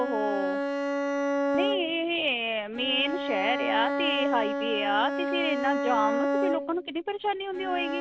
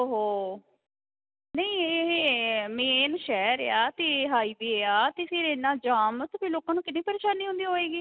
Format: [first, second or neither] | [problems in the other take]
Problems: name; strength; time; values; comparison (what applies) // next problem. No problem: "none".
second | background sound (Bowed string instrument); as loud as the speech